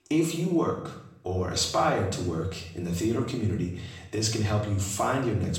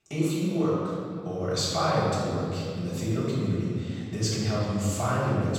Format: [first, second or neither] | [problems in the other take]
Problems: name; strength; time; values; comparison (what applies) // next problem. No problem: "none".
first | room echo; strong; dies away in 2.2 s; slight in the first // off-mic speech; far; far in the first